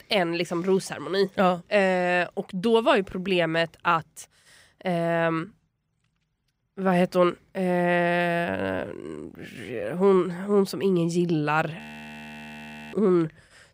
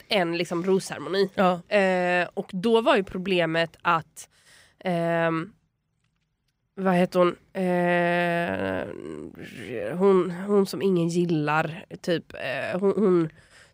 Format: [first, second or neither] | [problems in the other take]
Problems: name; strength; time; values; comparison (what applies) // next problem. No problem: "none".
second | audio freezing; at 12 s for 1 s